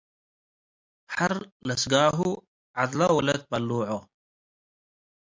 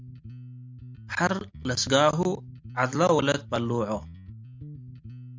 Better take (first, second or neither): first